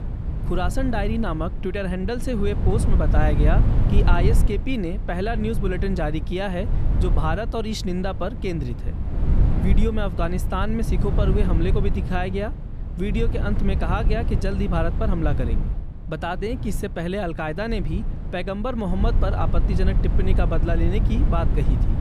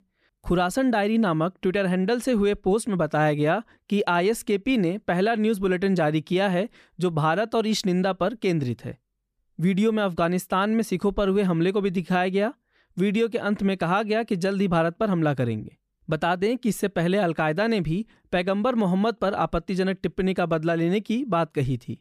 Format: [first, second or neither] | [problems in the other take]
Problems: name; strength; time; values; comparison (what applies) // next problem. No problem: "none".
second | low rumble; loud; throughout; 9 dB below the speech